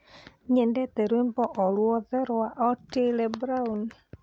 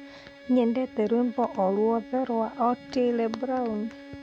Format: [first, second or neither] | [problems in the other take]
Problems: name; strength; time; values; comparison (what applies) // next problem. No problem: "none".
first | background sound (Bowed string instrument); 18 dB below the speech